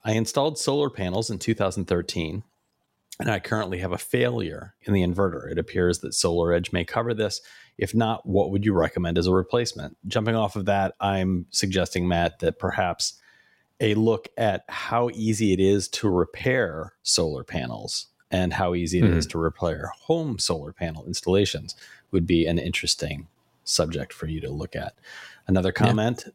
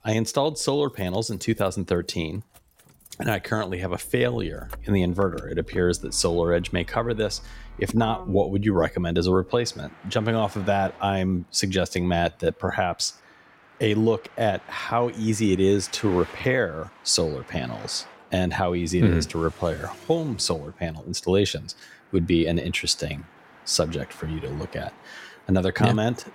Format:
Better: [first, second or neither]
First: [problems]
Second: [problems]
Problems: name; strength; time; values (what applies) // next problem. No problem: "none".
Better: first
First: none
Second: traffic noise; faint; throughout; 20 dB below the speech